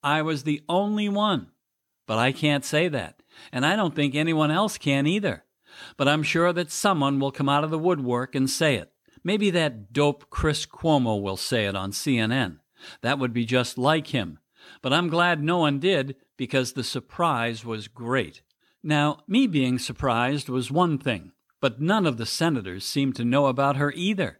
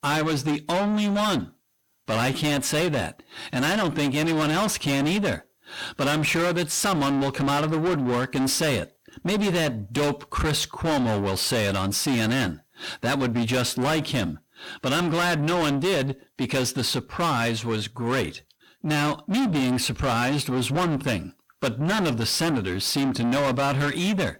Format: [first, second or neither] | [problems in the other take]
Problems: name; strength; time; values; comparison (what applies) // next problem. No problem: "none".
first | distortion; heavy; 6 dB below the speech